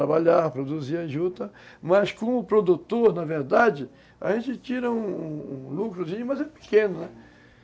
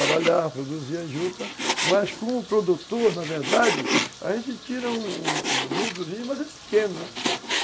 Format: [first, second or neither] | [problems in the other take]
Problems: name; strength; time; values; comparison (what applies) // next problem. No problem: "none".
first | background sound (Frying (food)); 3 dB below the speech